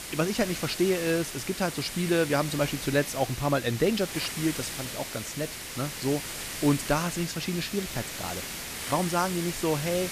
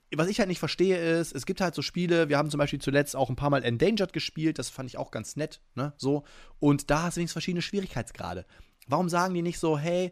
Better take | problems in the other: second | hiss; loud; throughout; 6 dB below the speech

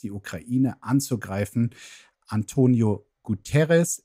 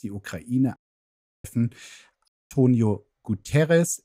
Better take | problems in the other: first | audio cutting out; at 1 s for 0.5 s and at 2.5 s

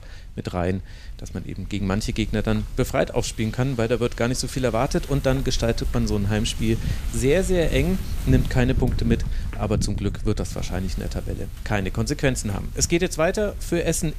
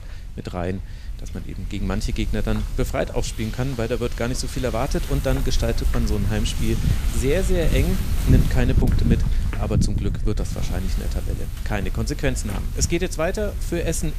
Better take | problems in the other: first | wind noise on the microphone; heavy; 8 dB below the speech; occasional gusts in the first

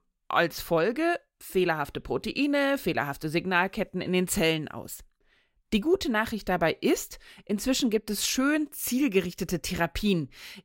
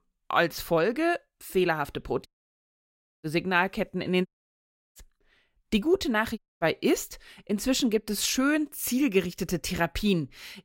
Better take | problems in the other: first | audio cutting out; at 2.5 s for 1 s, at 4.5 s for 0.5 s and at 6.5 s

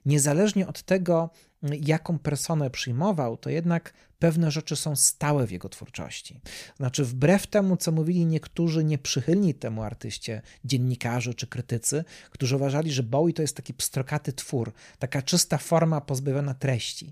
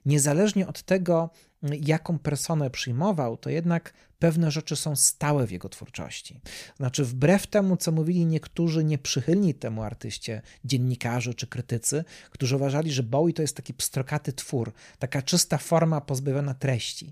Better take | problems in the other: neither | none

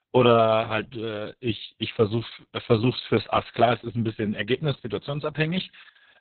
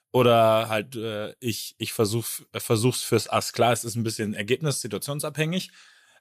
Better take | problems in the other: second | garbled, watery; badly; nothing above 4 kHz

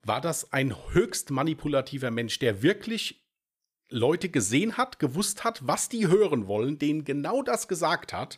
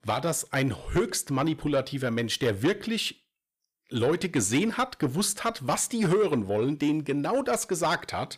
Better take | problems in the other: first | distortion; slight; 10 dB below the speech

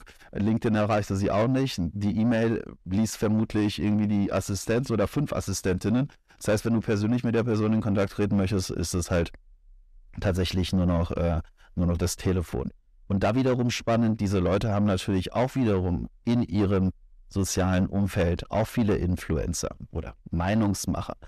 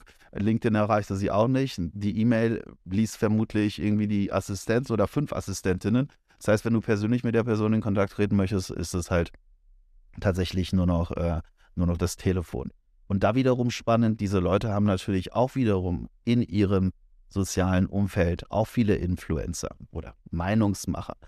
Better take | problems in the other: second | distortion; slight; 10 dB below the speech

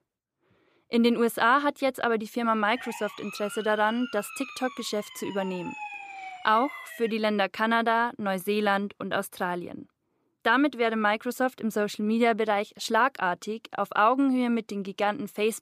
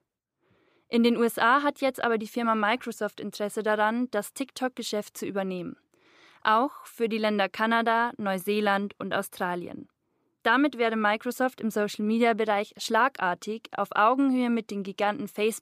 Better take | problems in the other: second | siren; faint; from 2.5 to 7 s; peak 10 dB below the speech

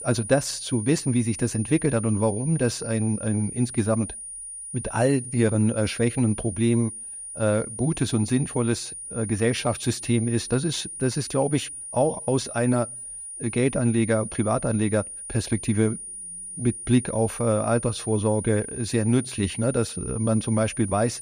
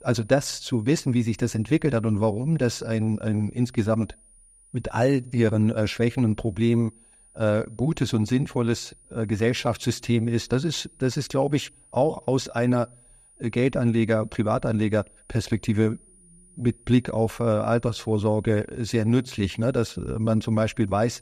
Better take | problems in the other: second | high-pitched whine; loud; throughout; 9.5 kHz, 9 dB below the speech; faint in the second

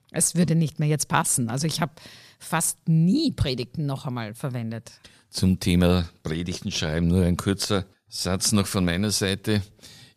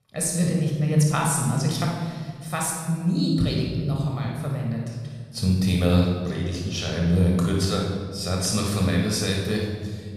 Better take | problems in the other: first | off-mic speech; somewhat distant // room echo; noticeable; dies away in 1.7 s

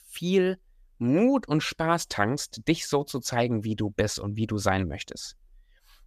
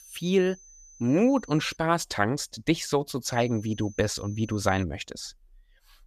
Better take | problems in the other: first | high-pitched whine; faint; until 2 s and from 3.5 to 5 s; 6 kHz, 25 dB below the speech

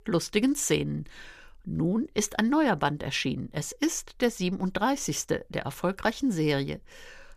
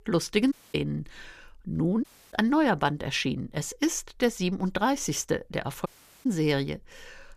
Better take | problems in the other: first | audio cutting out; at 0.5 s, at 2 s and at 6 s

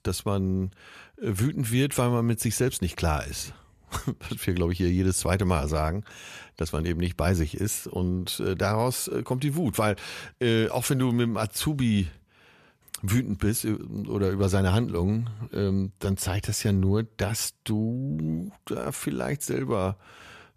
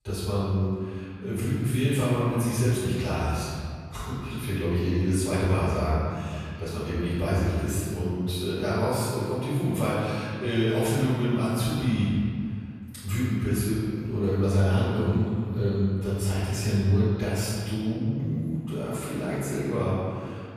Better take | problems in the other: first | off-mic speech; far // room echo; strong; dies away in 2 s

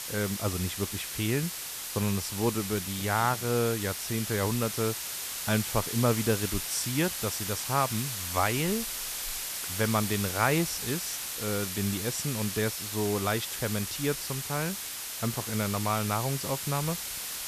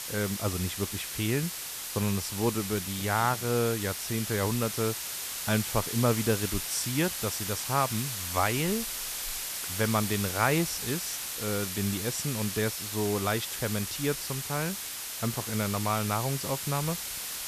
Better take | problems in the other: neither | hiss; loud; throughout; 3 dB below the speech; the same in both

